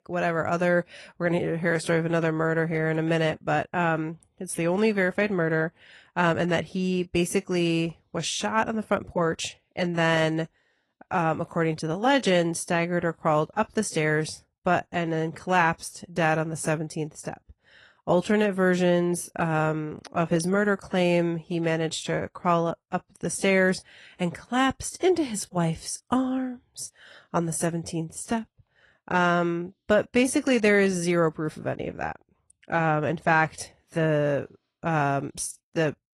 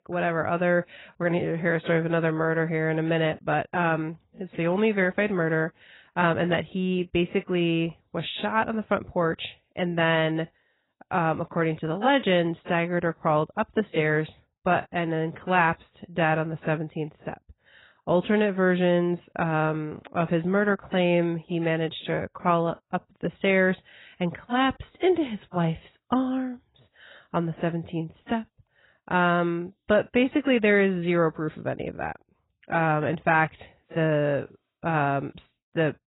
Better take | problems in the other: first | garbled, watery; badly; nothing above 4 kHz; slightly in the first

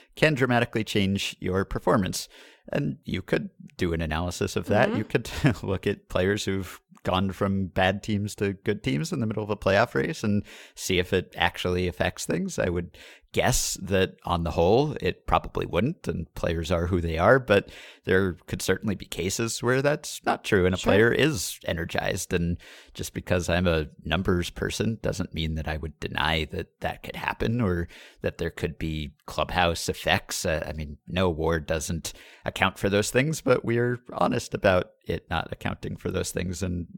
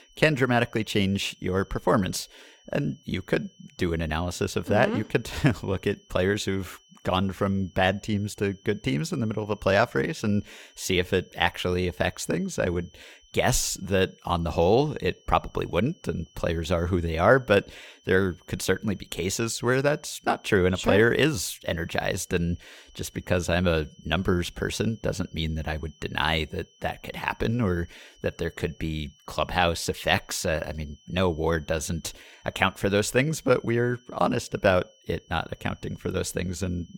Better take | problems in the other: first | high-pitched whine; faint; throughout; 3 kHz, 30 dB below the speech

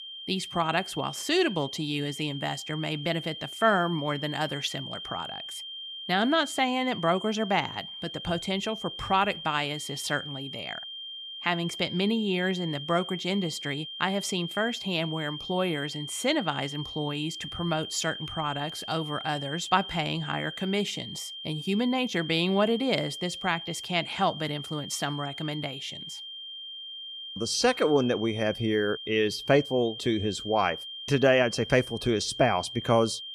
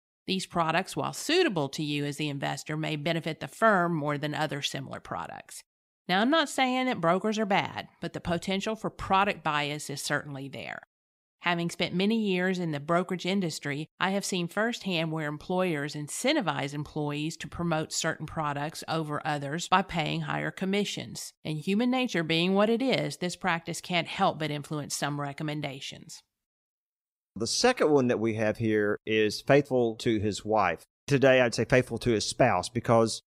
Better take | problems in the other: second | high-pitched whine; loud; throughout; 3 kHz, 9 dB below the speech

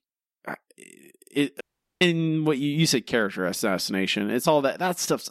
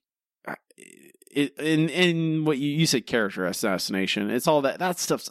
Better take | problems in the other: second | audio cutting out; at 1.5 s

